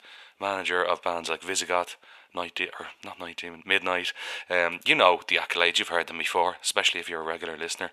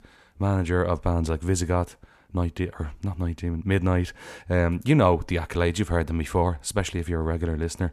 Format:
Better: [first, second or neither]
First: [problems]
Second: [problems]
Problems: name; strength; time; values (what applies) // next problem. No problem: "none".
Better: second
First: thin; very; fading below 700 Hz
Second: none